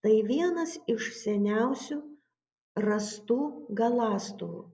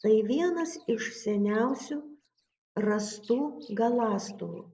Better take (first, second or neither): first